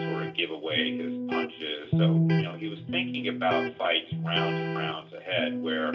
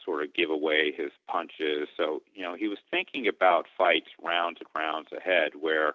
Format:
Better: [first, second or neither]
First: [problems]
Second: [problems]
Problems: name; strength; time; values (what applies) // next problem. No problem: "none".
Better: second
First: background sound (Electric guitar); 2 dB above the speech // room echo; dies away in 0.2 s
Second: none